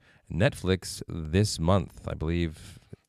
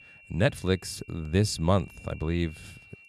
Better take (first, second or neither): first